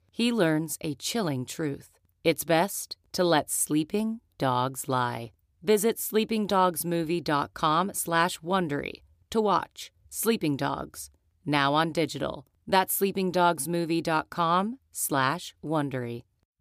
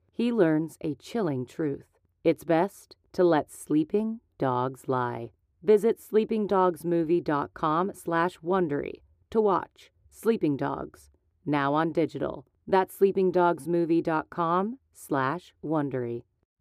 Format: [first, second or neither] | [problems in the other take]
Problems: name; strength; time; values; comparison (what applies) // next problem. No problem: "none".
first | muffled; slightly; fading above 2.5 kHz